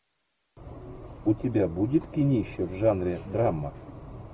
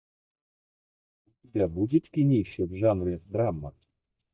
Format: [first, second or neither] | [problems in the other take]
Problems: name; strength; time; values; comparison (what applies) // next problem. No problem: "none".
first | noise reduction (neural mask model DeepFilterNet 3)